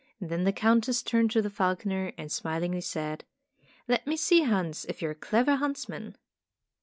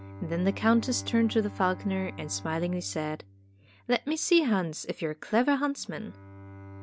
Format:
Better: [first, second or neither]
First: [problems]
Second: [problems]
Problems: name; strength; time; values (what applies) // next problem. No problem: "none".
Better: first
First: none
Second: background sound (Bowed string instrument); 16 dB below the speech